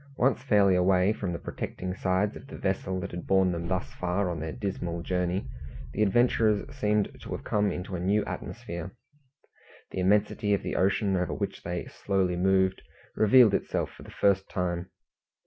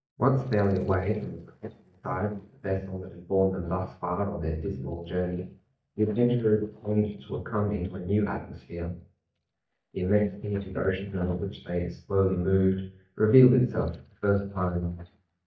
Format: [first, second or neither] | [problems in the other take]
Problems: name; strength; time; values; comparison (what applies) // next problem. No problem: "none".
first | noise reduction (neural mask model DeepFilterNet 3)